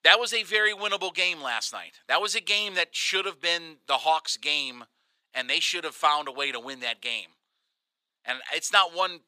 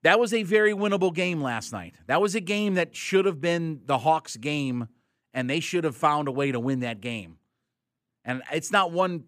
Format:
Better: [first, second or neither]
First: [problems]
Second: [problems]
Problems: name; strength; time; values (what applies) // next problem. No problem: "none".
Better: second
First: thin; very; fading below 800 Hz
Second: none